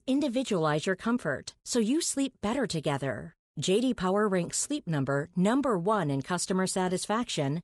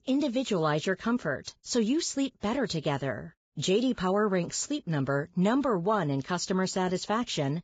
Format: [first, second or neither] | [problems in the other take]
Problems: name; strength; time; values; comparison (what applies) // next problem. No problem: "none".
first | garbled, watery; badly; nothing above 7.5 kHz; slightly in the first